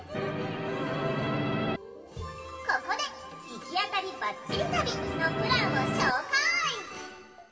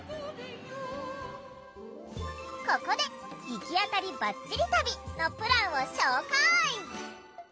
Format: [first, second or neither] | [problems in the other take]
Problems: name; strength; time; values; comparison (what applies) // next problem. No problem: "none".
second | background sound (Musical instrument); 2 dB above the speech // room echo; dies away in 2.8 s